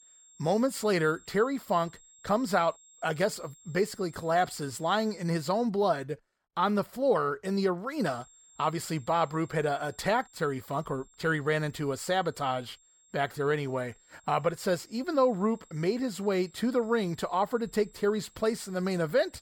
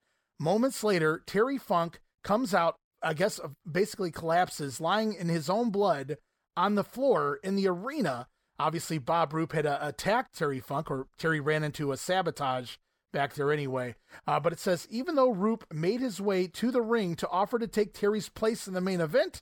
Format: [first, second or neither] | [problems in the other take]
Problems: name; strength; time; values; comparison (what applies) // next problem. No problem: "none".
second | high-pitched whine; faint; until 5 s and from 8 s on; 7.5 kHz, 25 dB below the speech